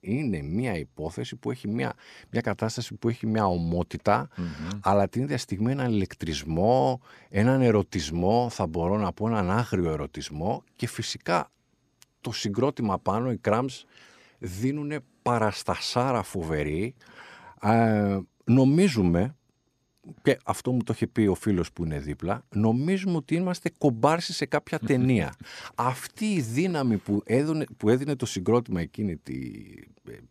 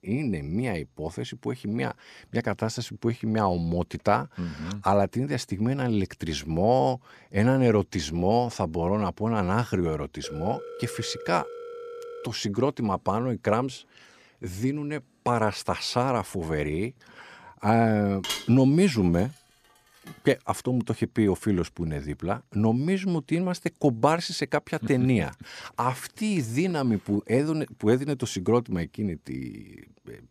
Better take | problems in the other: first | phone ringing; faint; from 10 to 12 s; peak 15 dB below the speech // clattering dishes; noticeable; from 18 to 20 s; peak 4 dB below the speech

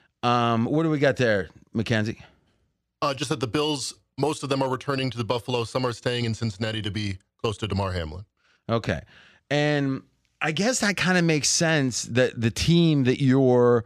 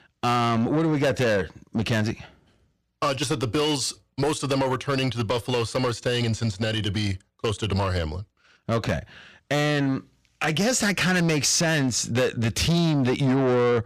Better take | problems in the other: first | distortion; heavy; 8 dB below the speech

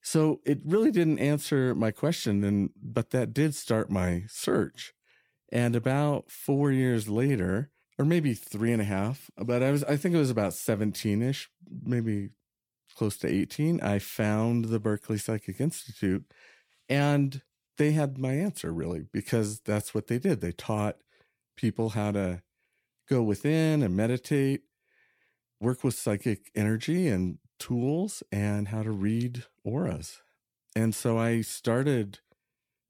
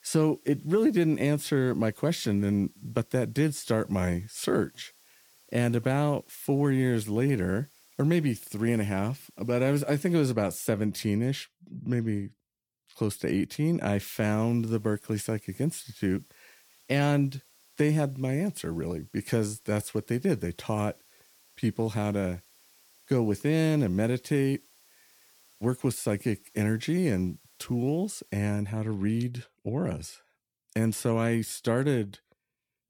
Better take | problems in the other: first | hiss; faint; until 10 s and from 14 to 28 s; 30 dB below the speech

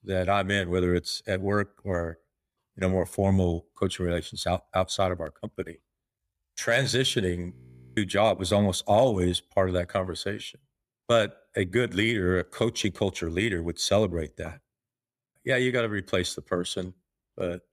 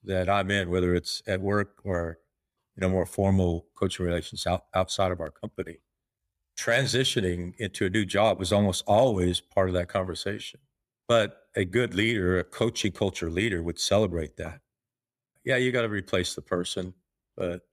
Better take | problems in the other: second | audio freezing; at 7.5 s

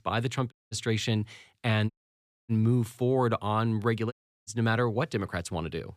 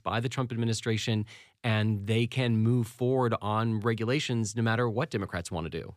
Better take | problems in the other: second | audio cutting out; at 0.5 s, at 2 s for 0.5 s and at 4 s

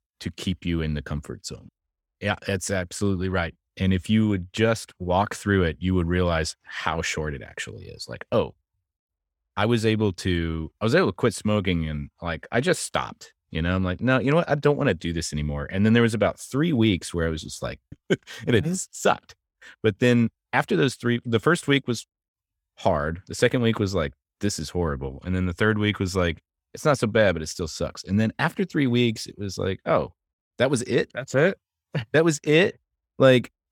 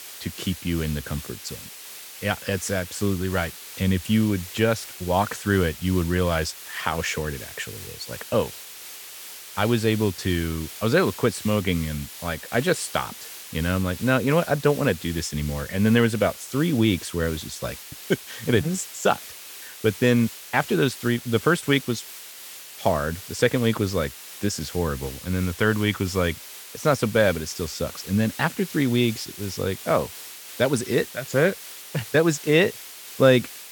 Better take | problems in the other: first | hiss; noticeable; throughout; 15 dB below the speech

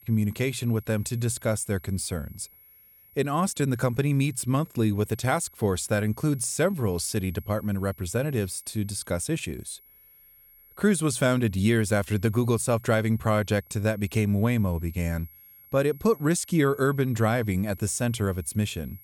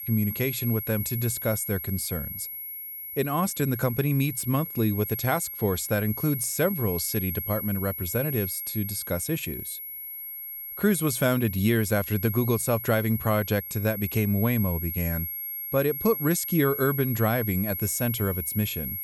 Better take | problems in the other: first | high-pitched whine; loud; throughout; 11.5 kHz, 6 dB below the speech; faint in the first

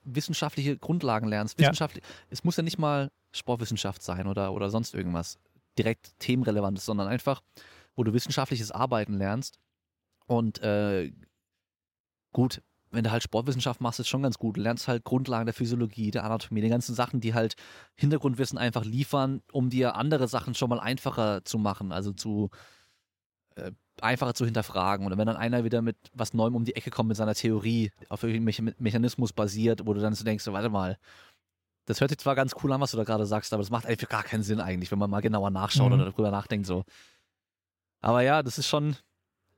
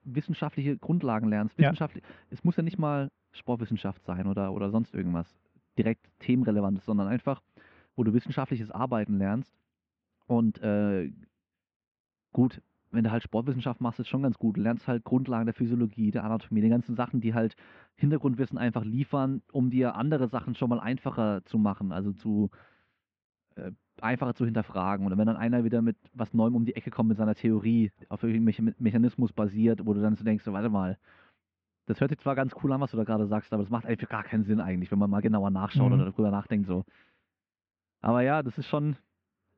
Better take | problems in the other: first | muffled; very; fading above 2.5 kHz

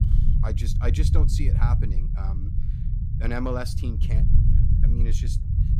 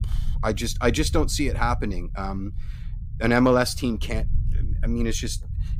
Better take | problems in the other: second | low rumble; loud; throughout; 4 dB below the speech; faint in the second

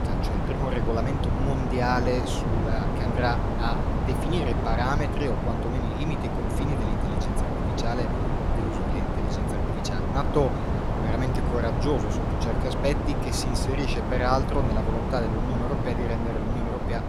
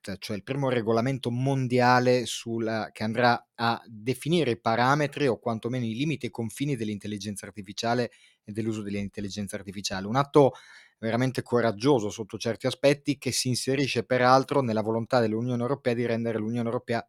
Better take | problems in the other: second | wind noise on the microphone; heavy; 1 dB below the speech

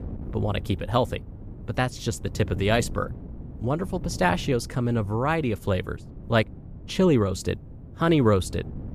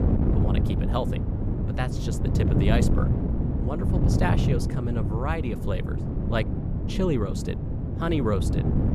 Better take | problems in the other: first | wind noise on the microphone; heavy; 3 dB below the speech; occasional gusts in the first

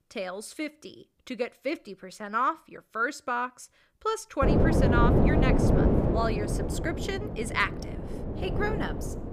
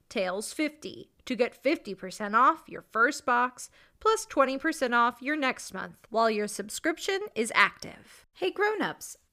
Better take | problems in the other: second | wind noise on the microphone; heavy; from 4.5 s on; 1 dB below the speech

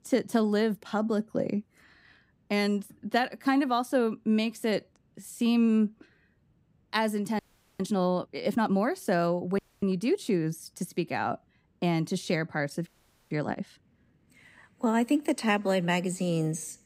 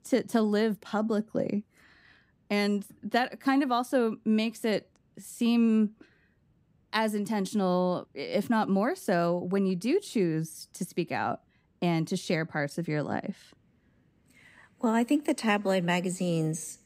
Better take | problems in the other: second | audio freezing; at 7.5 s, at 9.5 s and at 13 s

